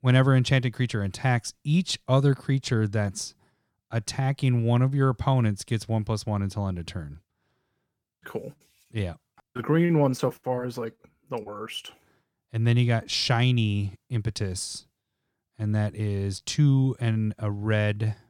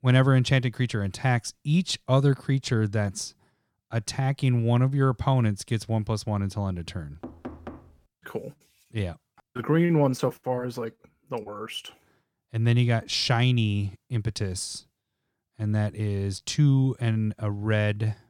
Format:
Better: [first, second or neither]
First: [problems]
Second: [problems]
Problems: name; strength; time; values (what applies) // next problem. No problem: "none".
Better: first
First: none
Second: door banging; faint; at 7 s; peak 15 dB below the speech